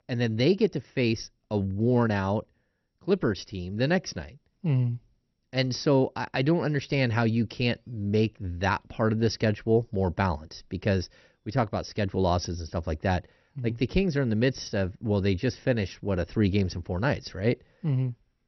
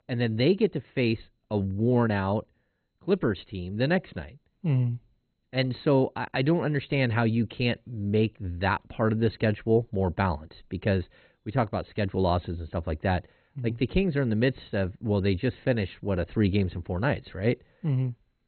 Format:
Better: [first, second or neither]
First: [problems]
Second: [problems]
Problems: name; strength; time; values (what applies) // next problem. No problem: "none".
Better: first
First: garbled, watery; slightly; nothing above 6 kHz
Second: garbled, watery; badly; nothing above 4 kHz